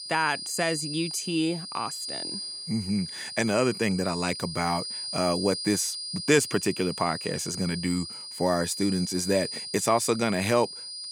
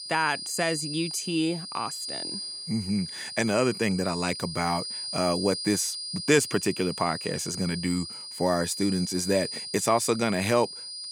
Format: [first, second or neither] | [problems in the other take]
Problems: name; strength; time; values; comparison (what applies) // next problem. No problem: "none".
neither | high-pitched whine; loud; throughout; 5 kHz, 7 dB below the speech; the same in both